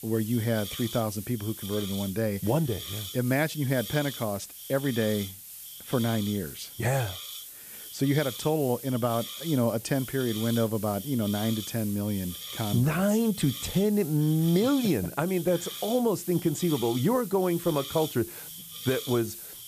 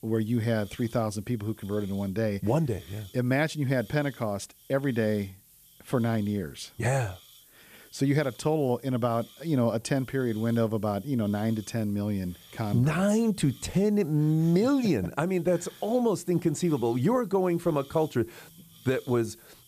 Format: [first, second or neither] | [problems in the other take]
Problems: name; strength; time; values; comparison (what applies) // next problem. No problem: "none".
second | hiss; loud; throughout; 10 dB below the speech; faint in the second